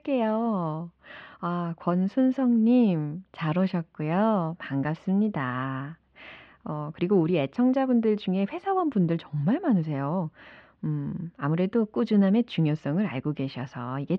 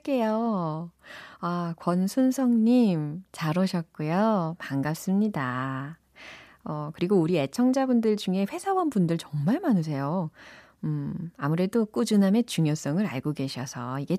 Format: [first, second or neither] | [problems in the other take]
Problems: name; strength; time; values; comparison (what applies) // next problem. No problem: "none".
second | muffled; slightly; fading above 3 kHz